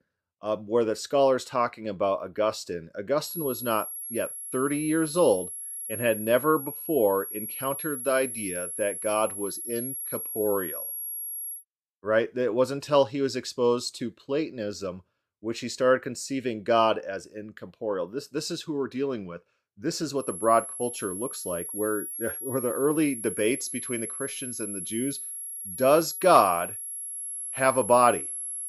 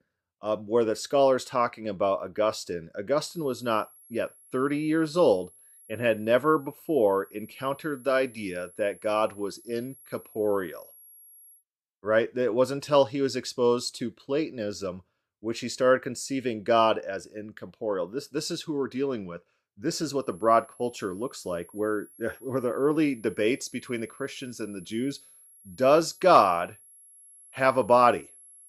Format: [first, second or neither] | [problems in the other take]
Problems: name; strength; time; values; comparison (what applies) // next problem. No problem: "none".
second | high-pitched whine; loud; from 3.5 to 12 s and from 20 s on; 11.5 kHz, 6 dB below the speech; faint in the second